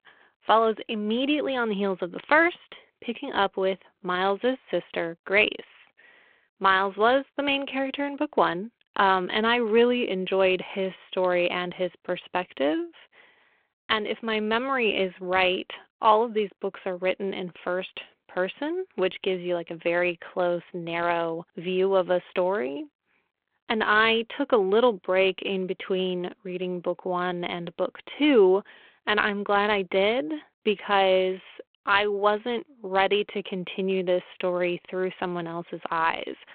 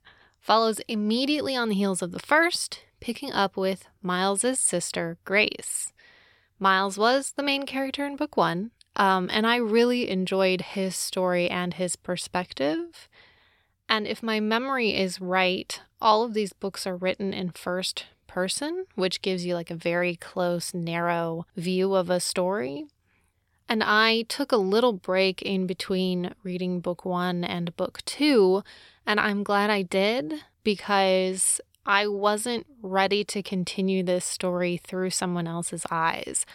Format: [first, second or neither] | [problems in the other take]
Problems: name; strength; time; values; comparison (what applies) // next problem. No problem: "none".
second | phone-call audio